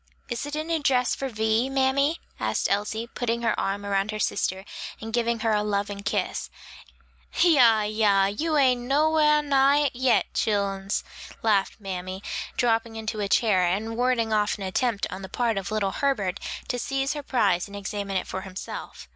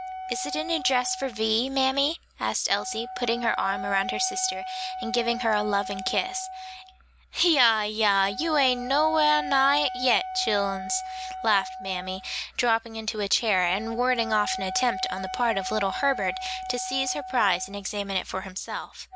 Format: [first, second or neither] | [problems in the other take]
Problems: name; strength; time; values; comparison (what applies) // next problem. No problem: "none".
first | background sound (Wind instrument, woodwind instrument); 9 dB below the speech